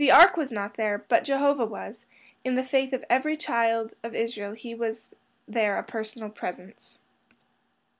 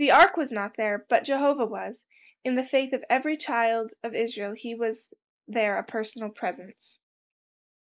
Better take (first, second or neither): first